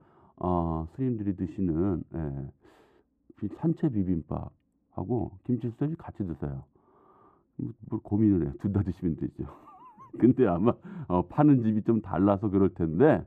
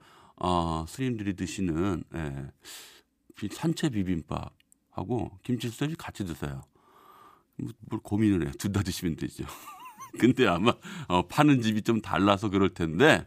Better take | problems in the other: second | muffled; very; fading above 2 kHz

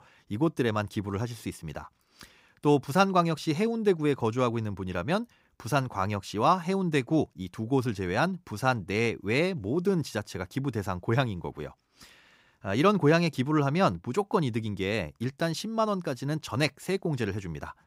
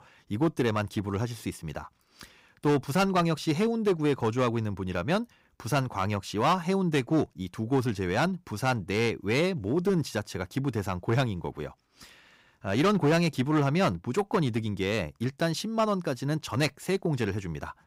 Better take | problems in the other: first | distortion; slight; 4% of the sound clipped

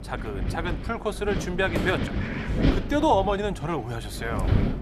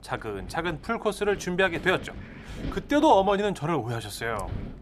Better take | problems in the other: second | wind noise on the microphone; heavy; 7 dB below the speech; occasional gusts in the second

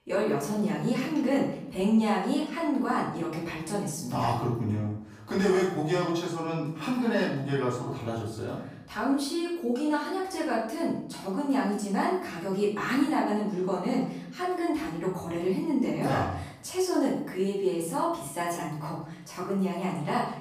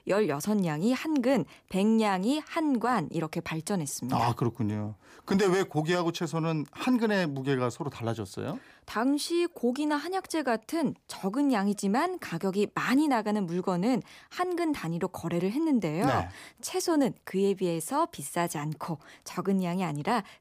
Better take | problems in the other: second | off-mic speech; far // room echo; noticeable; dies away in 0.6 s

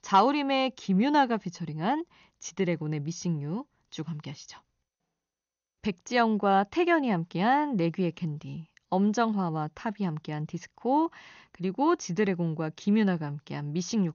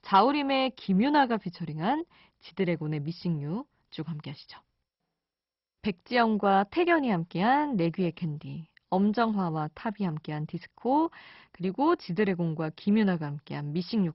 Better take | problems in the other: first | garbled, watery; badly; nothing above 5.5 kHz; slightly in the first

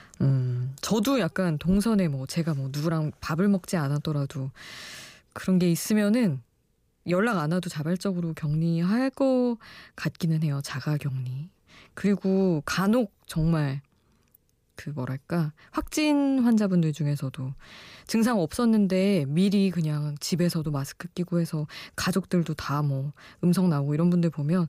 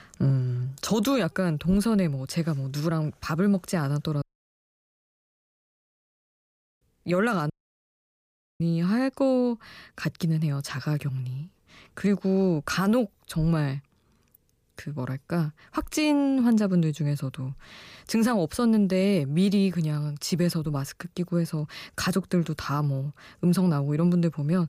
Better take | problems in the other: first | audio cutting out; at 4 s for 2.5 s and at 7.5 s for 1 s

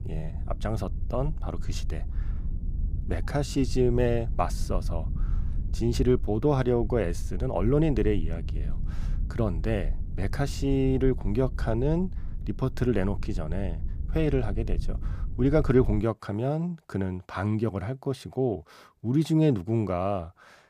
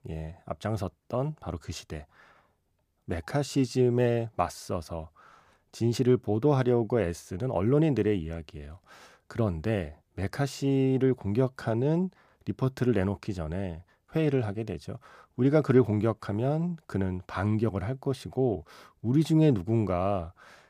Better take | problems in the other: second | low rumble; noticeable; until 16 s; 20 dB below the speech

